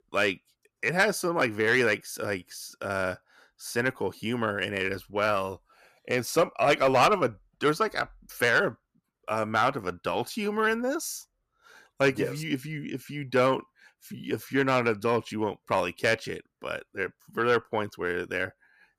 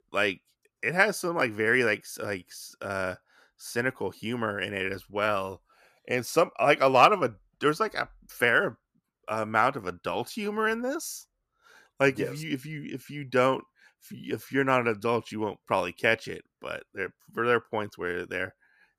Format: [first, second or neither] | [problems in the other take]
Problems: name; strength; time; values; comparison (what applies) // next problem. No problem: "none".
second | distortion; slight; 10 dB below the speech